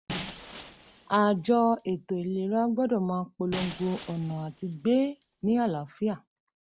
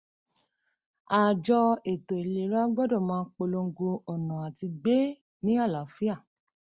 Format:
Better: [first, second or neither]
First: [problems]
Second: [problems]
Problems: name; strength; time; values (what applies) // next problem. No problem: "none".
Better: second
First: background sound (Shatter); 16 dB below the speech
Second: none